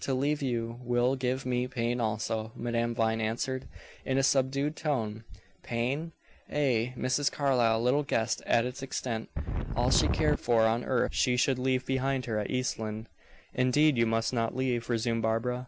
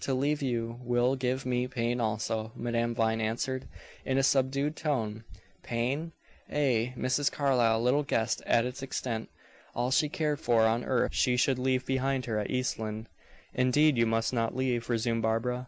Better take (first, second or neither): second